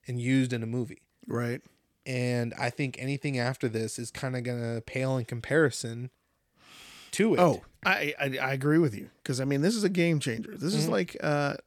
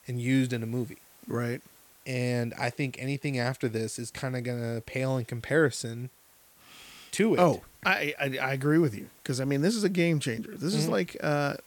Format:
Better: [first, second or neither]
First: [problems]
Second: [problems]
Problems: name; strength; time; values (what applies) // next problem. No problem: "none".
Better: first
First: none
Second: hiss; faint; throughout; 25 dB below the speech